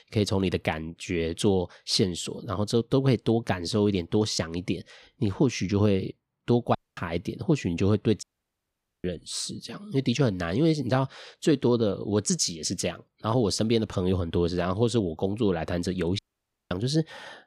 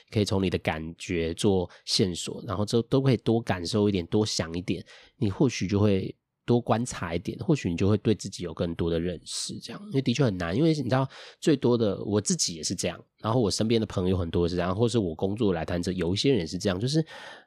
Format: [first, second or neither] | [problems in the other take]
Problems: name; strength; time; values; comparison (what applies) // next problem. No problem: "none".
second | audio cutting out; at 7 s, at 8 s for 1 s and at 16 s for 0.5 s